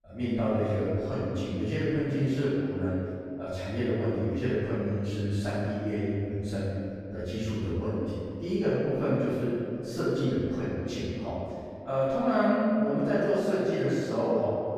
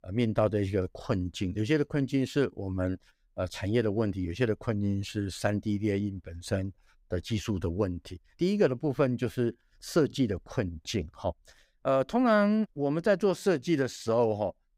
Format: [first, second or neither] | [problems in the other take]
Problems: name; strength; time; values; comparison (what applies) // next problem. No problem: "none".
second | off-mic speech; far // room echo; strong; dies away in 2.5 s